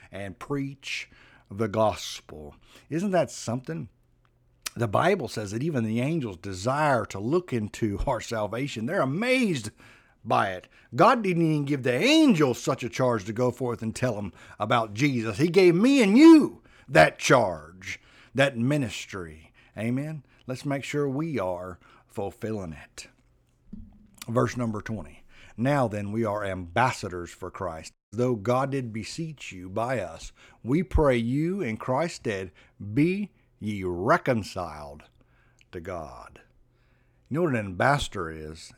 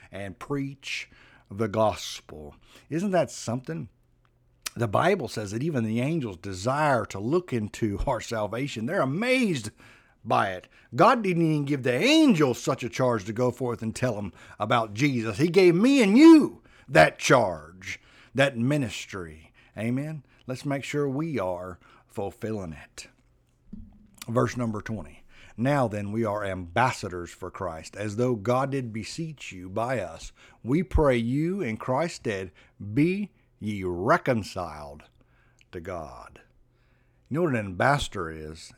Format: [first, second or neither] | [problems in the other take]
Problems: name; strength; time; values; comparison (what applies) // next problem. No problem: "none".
second | audio cutting out; at 28 s